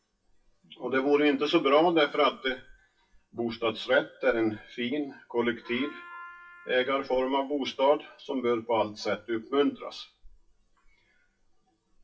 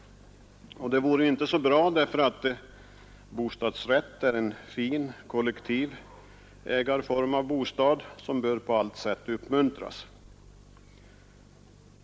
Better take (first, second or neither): second